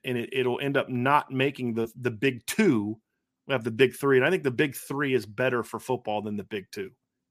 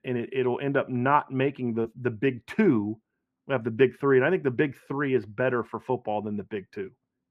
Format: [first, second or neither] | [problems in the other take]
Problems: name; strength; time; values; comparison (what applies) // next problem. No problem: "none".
first | muffled; very; fading above 3.5 kHz